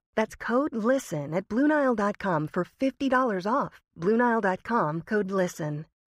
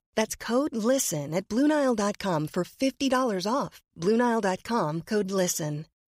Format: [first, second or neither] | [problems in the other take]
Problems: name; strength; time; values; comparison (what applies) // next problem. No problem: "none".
second | muffled; slightly; fading above 3 kHz